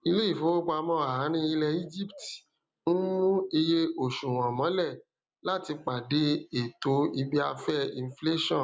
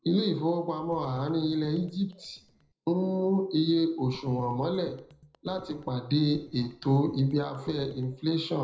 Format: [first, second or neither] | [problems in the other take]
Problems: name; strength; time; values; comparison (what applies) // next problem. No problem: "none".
first | noise reduction (neural separator model SepFormer DNS4)